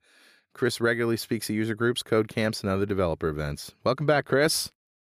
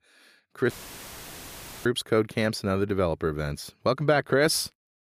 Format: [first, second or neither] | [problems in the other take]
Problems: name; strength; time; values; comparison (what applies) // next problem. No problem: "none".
first | audio cutting out; filled with static; at 0.5 s for 1 s